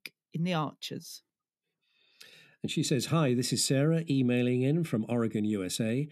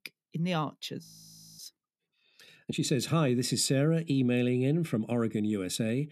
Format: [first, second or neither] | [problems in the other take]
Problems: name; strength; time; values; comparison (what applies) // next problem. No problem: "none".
first | audio freezing; at 1 s for 0.5 s